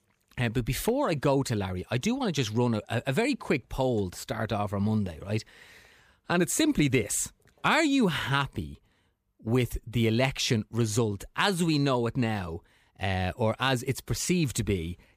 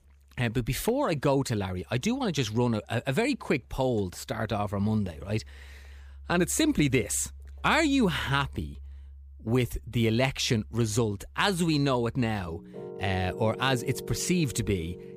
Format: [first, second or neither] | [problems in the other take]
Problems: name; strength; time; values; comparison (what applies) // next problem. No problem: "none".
first | background music; noticeable; throughout; 15 dB below the speech